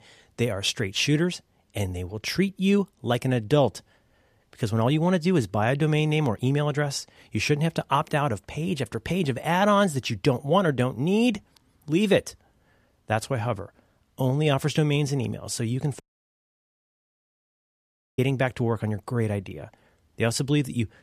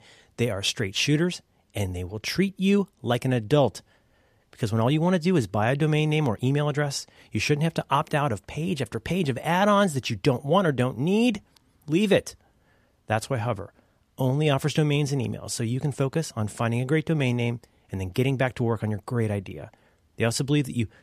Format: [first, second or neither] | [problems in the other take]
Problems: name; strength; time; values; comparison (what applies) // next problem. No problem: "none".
second | audio cutting out; at 16 s for 2 s